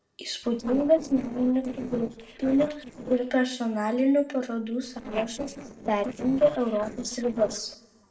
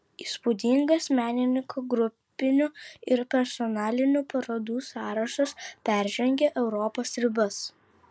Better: second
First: noise reduction (neural separator model SepFormer DNS4)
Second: none

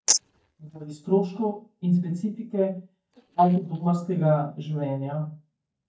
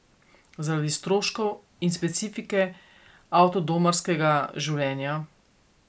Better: second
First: noise reduction (neural mask model DeepFilterNet 3)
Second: none

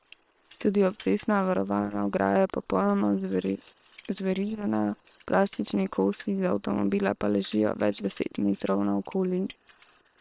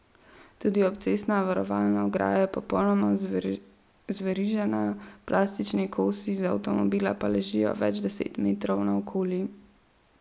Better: second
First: noise reduction (neural separator model SepFormer WHAM!)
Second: none

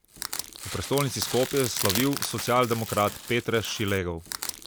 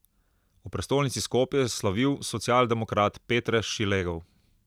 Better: second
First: background sound (Crushing); 7 dB below the speech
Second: none

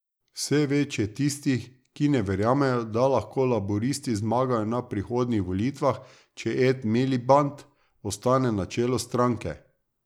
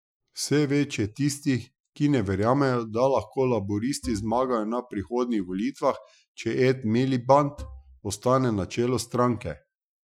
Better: first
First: none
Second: noise reduction (classical method Wiener filter)

